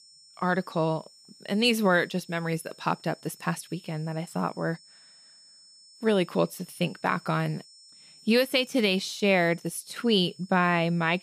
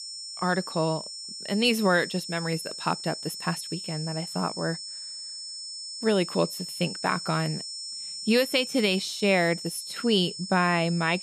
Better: first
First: high-pitched whine; faint; throughout; 5.5 kHz, 25 dB below the speech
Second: high-pitched whine; loud; throughout; 5.5 kHz, 8 dB below the speech

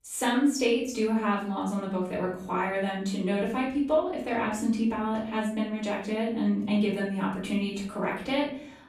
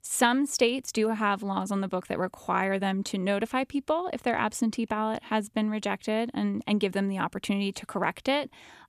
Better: second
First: off-mic speech; far // room echo; noticeable; dies away in 0.7 s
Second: none

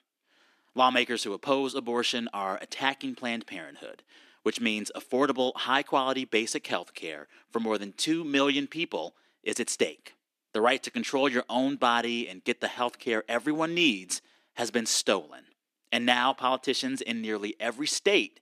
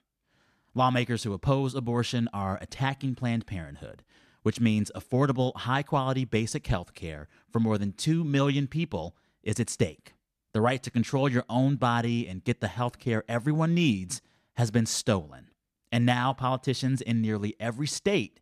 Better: second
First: thin; somewhat; fading below 300 Hz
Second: none

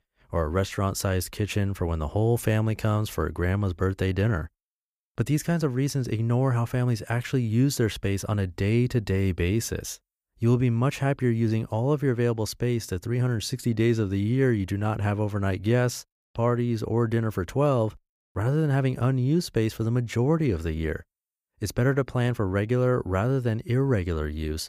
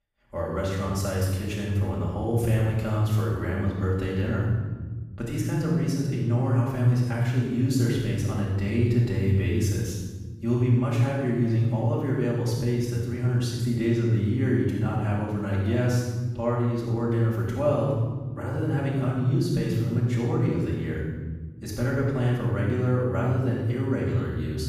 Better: first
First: none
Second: off-mic speech; far // room echo; strong; dies away in 1.6 s

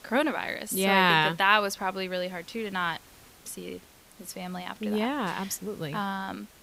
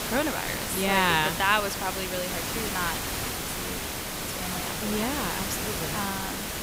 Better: first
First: hiss; faint; throughout; 25 dB below the speech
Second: hiss; loud; throughout; 2 dB below the speech

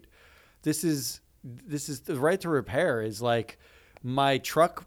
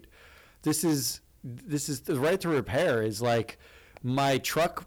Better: first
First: none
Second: distortion; heavy; 9% of the sound clipped

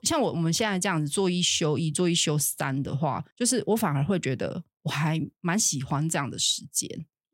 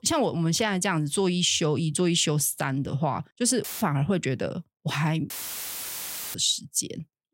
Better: first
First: none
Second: audio cutting out; filled with static; at 3.5 s and at 5.5 s for 1 s

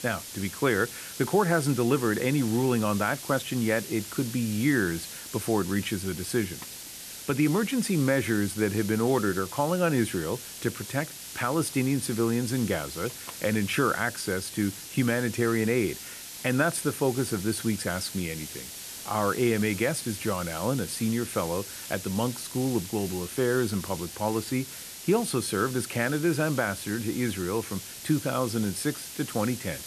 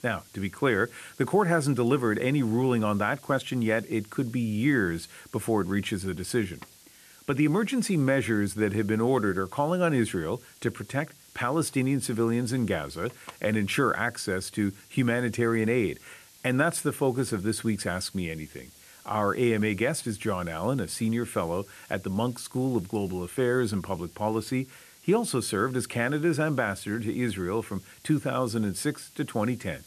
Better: second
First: hiss; loud; throughout; 10 dB below the speech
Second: hiss; faint; throughout; 25 dB below the speech

